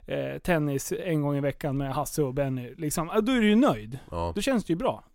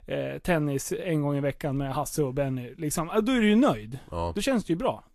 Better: first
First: none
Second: garbled, watery; slightly; nothing above 12.5 kHz

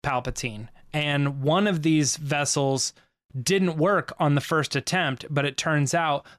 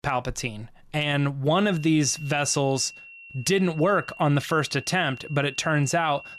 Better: first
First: none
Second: high-pitched whine; noticeable; from 1.5 s on; 2.5 kHz, 15 dB below the speech

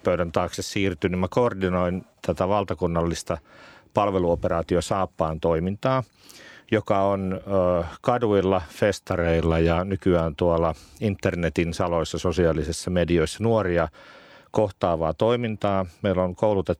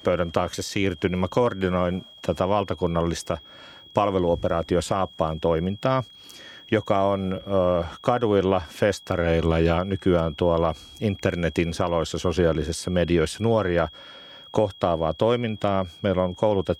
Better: first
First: none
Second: high-pitched whine; faint; throughout; 3.5 kHz, 20 dB below the speech

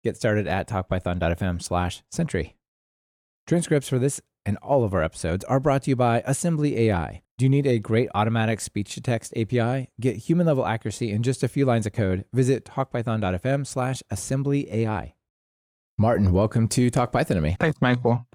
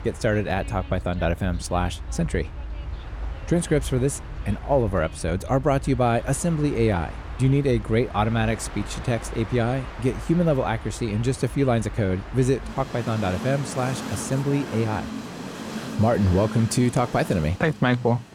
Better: first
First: none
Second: train or aircraft noise; noticeable; throughout; 10 dB below the speech

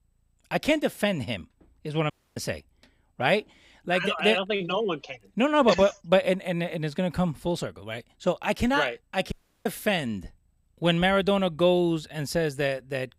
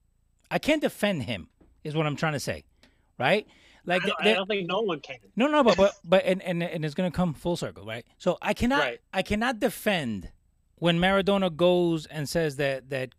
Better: second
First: audio cutting out; at 2 s and at 9.5 s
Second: none

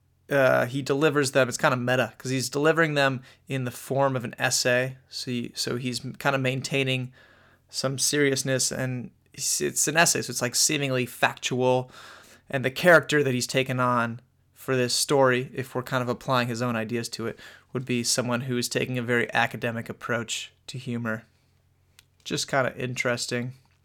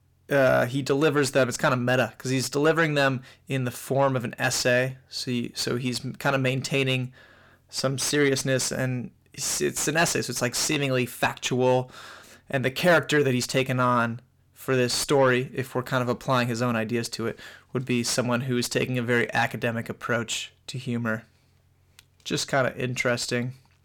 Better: first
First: none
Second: distortion; slight; 10 dB below the speech

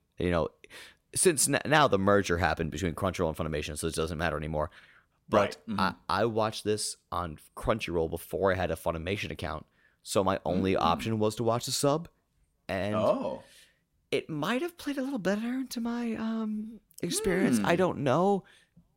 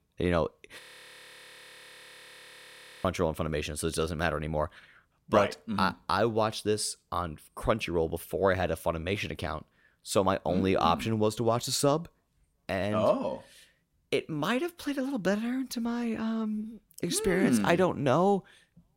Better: first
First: none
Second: audio freezing; at 1 s for 2.5 s

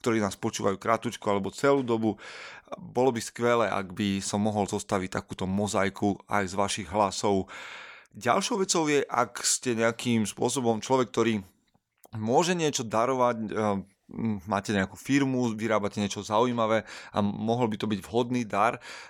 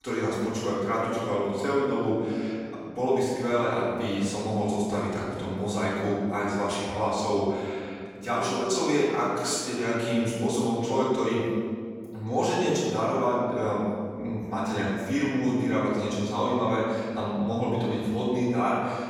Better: first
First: none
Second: off-mic speech; far // room echo; strong; dies away in 2 s

